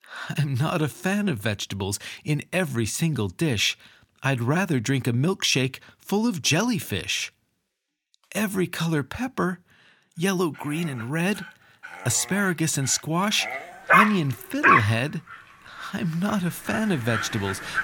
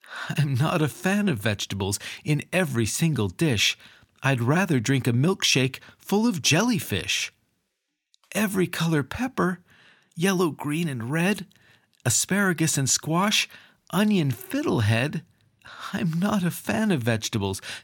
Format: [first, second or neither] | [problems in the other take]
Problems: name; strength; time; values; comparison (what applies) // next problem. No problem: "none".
second | animal sounds; very loud; from 10 s on; 3 dB above the speech